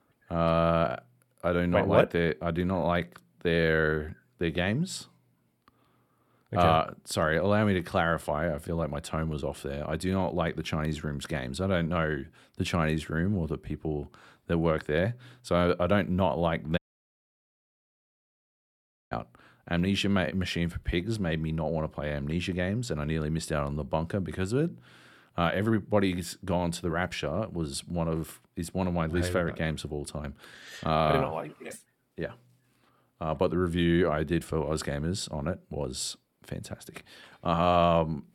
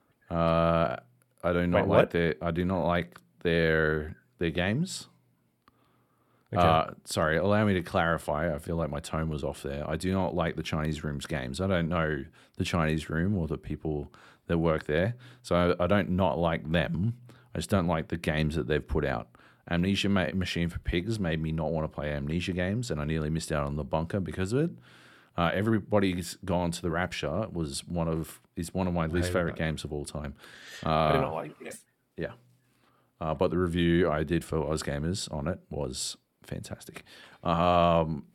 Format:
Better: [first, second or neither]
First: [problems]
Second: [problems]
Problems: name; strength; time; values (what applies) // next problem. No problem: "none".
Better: second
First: audio cutting out; at 17 s for 2.5 s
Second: none